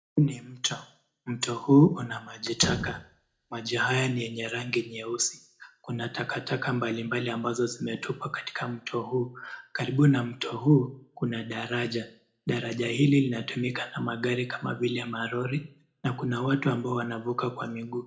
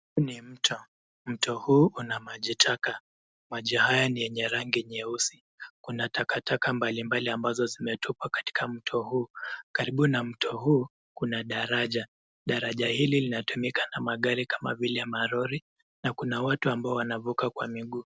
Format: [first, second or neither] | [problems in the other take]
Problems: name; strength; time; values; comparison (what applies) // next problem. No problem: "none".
second | noise reduction (neural separator model SepFormer DNS4)